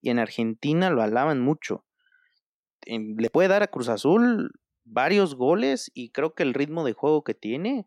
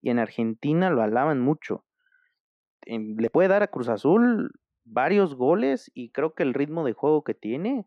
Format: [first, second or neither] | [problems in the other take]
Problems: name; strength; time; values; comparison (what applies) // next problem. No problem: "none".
first | muffled; slightly; fading above 3 kHz